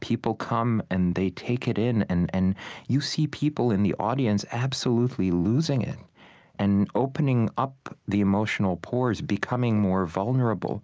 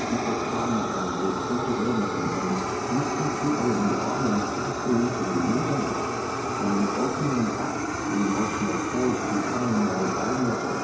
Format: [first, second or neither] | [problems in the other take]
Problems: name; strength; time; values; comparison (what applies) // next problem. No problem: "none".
first | background sound (Fire); as loud as the speech // room echo; dies away in 2.4 s